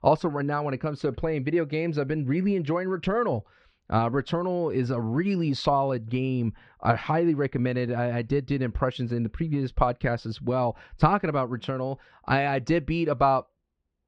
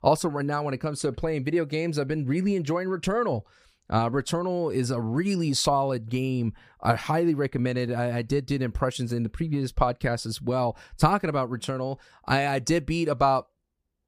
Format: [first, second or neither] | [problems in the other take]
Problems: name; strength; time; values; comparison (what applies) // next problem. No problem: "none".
second | muffled; slightly; fading above 3.5 kHz